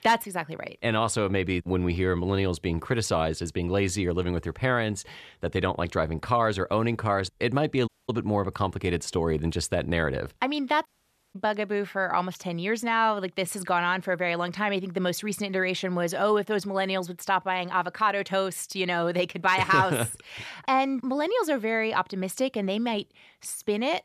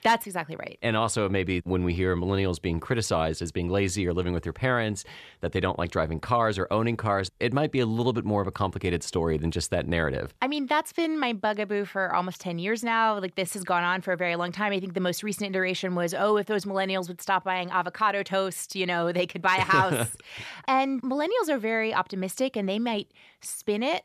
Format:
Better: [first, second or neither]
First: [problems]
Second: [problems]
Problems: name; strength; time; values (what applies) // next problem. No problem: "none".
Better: second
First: audio cutting out; at 8 s and at 11 s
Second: none